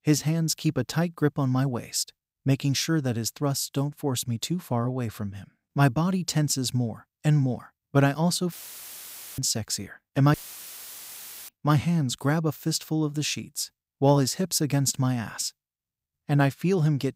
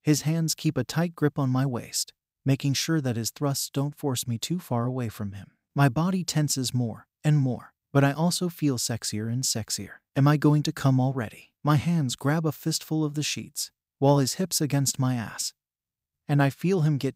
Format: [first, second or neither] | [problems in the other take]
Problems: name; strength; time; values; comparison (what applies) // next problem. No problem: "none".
second | audio cutting out; filled with static; at 8.5 s for 1 s and at 10 s for 1 s